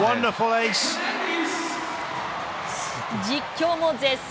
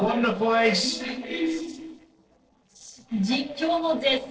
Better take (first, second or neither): first